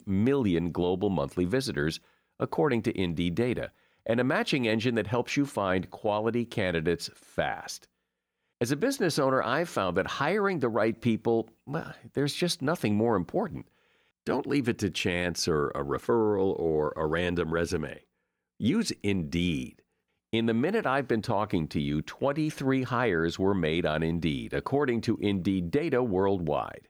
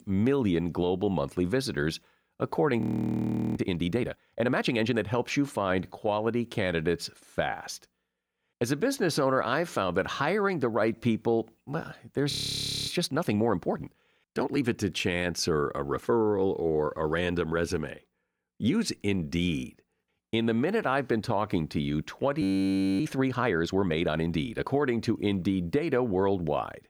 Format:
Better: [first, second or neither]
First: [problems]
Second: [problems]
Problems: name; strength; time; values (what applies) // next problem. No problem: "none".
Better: first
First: none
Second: audio freezing; at 3 s for 1 s, at 12 s for 0.5 s and at 22 s for 0.5 s